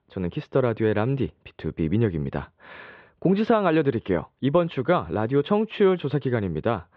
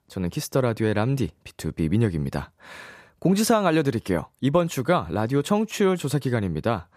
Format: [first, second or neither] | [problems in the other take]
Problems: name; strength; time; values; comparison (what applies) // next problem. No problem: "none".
second | muffled; very; fading above 3.5 kHz